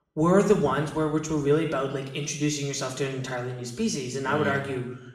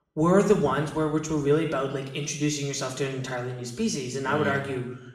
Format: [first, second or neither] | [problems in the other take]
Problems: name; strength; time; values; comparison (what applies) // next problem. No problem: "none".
neither | room echo; noticeable; dies away in 0.8 s; the same in both // off-mic speech; somewhat distant; the same in both